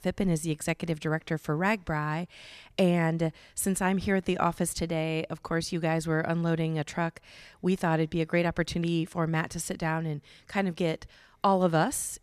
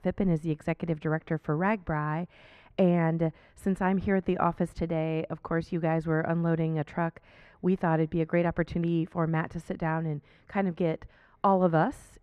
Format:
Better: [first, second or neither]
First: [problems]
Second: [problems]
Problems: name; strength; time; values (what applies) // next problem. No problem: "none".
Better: first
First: none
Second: muffled; very; fading above 3.5 kHz